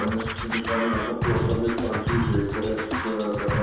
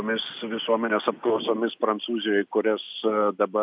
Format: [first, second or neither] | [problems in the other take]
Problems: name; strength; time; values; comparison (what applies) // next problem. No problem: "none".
second | background sound (Scratching (performance technique)); 1 dB below the speech // room echo; dies away in 0.9 s